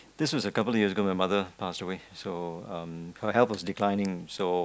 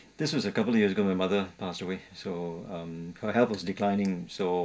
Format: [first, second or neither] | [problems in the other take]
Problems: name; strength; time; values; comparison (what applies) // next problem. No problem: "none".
first | room echo; dies away in 0.2 s